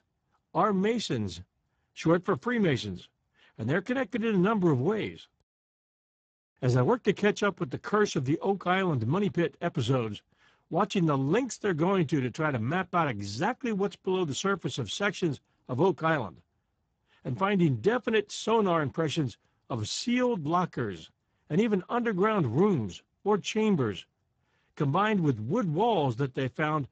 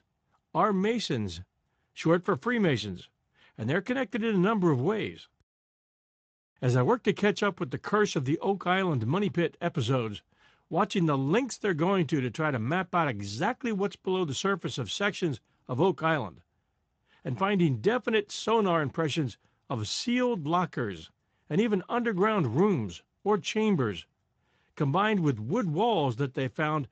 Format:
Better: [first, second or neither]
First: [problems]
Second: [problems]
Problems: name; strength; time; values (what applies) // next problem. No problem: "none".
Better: second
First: garbled, watery; badly; nothing above 7.5 kHz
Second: garbled, watery; slightly; nothing above 7.5 kHz